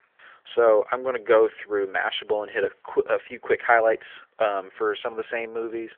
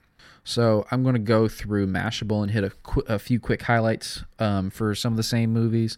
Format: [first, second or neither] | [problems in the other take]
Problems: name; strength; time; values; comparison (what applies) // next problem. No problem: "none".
second | phone-call audio; nothing above 3.5 kHz